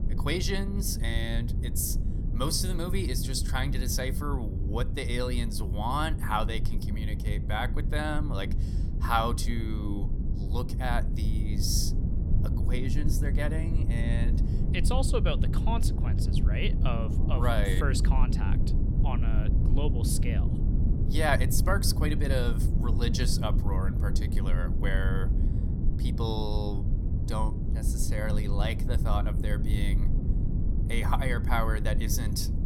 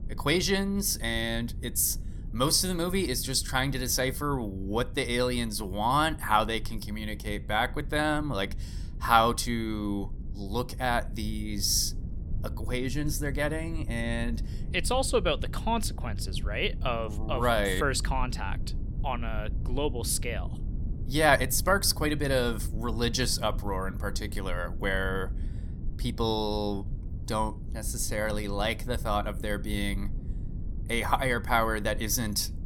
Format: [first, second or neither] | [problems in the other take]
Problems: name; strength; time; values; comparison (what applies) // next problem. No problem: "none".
second | low rumble; loud; throughout; 9 dB below the speech; faint in the second